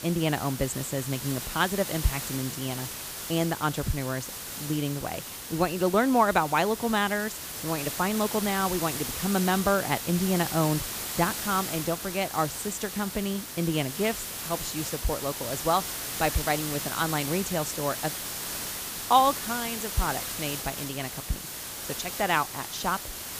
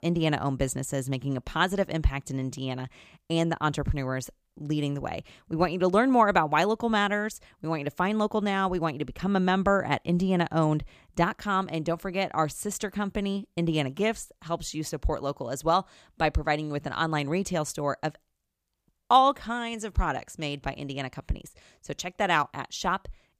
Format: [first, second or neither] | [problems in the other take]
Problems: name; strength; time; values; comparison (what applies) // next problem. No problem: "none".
second | hiss; loud; throughout; 5 dB below the speech